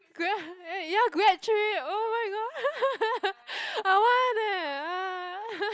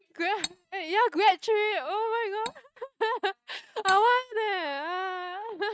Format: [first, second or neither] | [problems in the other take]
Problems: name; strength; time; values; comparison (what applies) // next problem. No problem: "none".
first | noise reduction (neural mask model RNNoise)